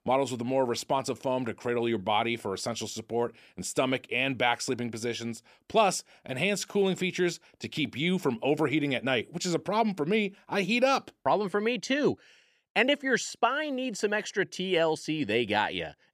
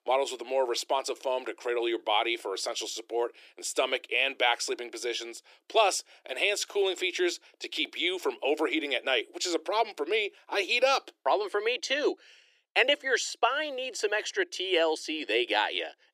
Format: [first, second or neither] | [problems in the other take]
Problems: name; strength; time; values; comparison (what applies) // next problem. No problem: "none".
first | thin; very; fading below 350 Hz